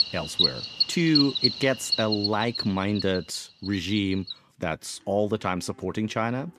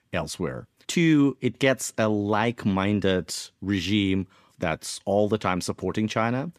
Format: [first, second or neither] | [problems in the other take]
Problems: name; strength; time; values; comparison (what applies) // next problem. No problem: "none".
second | animal sounds; very loud; throughout; 1 dB above the speech